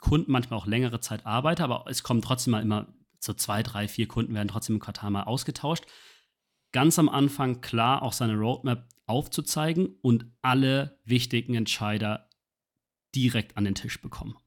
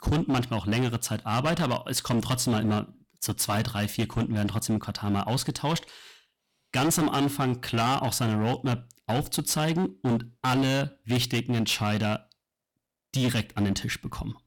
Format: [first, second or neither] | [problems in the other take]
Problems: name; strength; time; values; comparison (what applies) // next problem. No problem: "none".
first | distortion; heavy; 14% of the sound clipped